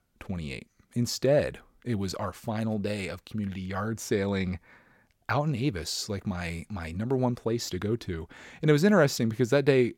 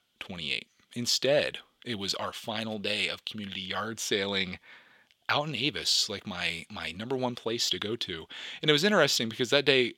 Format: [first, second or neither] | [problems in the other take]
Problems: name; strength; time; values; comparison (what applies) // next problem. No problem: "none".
first | thin; very slightly; fading below 350 Hz